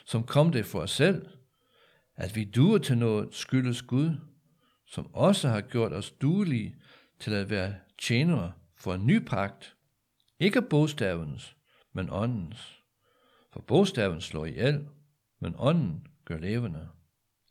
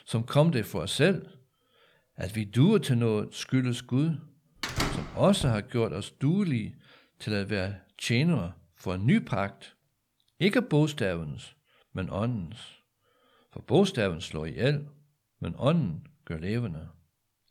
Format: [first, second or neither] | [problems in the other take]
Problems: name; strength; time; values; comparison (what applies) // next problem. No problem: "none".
first | door banging; noticeable; at 4.5 s; peak 2 dB below the speech